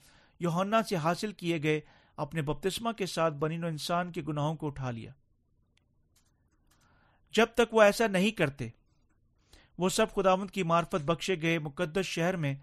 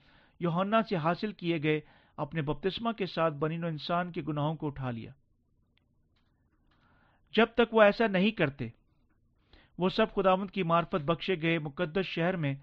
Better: first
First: none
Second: muffled; slightly; fading above 4 kHz

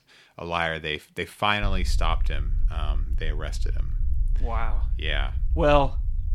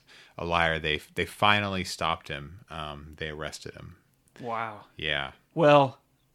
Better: second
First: low rumble; faint; from 1.5 s on; 25 dB below the speech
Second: none

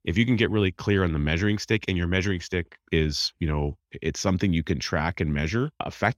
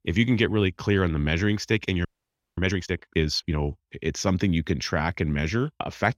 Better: first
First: none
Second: audio freezing; at 2 s for 0.5 s

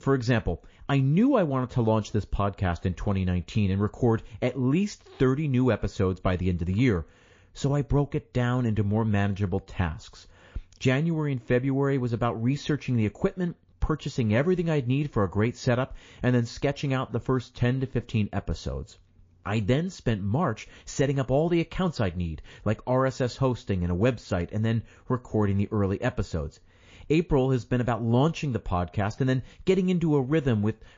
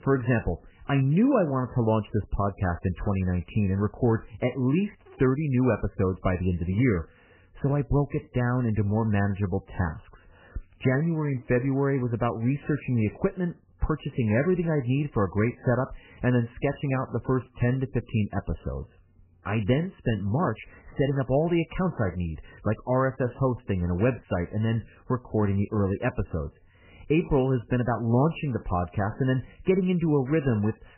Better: first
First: garbled, watery; slightly; nothing above 17.5 kHz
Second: garbled, watery; badly; nothing above 3 kHz

